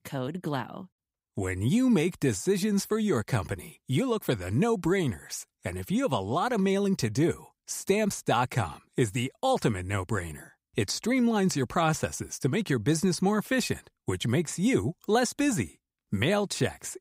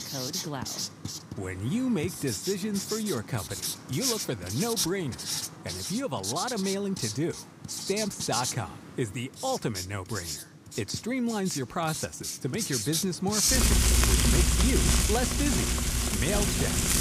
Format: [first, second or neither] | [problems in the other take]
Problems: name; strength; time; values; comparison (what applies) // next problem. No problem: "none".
first | household noises; very loud; throughout; 3 dB above the speech